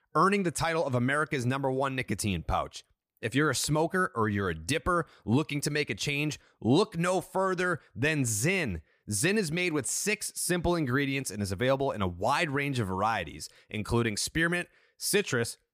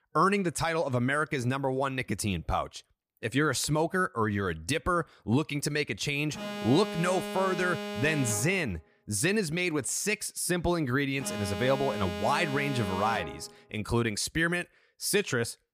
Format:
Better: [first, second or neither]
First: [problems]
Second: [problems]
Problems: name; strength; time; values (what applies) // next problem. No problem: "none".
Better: first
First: none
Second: alarm; noticeable; from 6.5 to 13 s; peak 6 dB below the speech